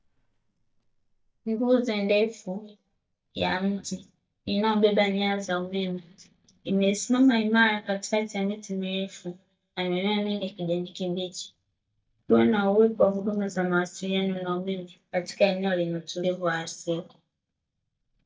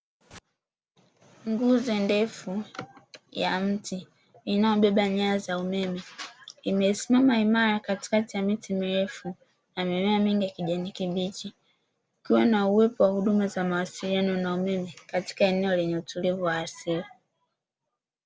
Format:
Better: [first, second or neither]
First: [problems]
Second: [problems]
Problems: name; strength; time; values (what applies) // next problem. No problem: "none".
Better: second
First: noise reduction (neural mask model DeepFilterNet 3)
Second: none